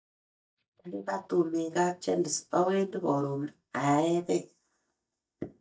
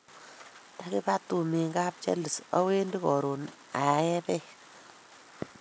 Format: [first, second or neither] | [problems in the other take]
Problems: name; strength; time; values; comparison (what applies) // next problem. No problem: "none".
second | noise reduction (neural mask model DeepFilterNet 3)